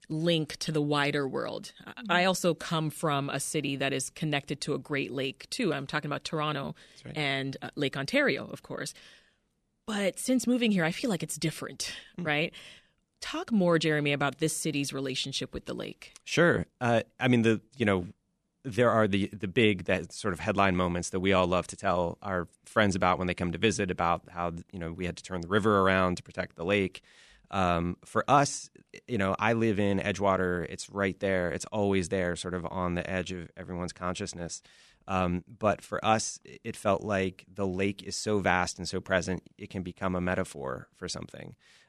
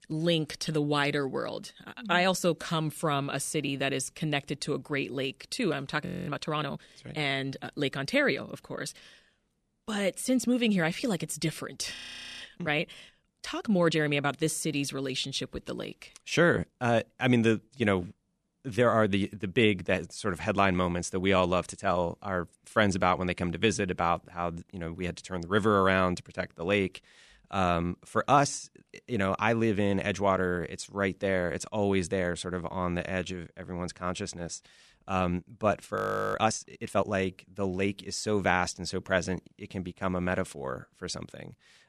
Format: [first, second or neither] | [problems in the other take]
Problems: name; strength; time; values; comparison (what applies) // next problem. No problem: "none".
first | audio freezing; at 6 s, at 12 s and at 36 s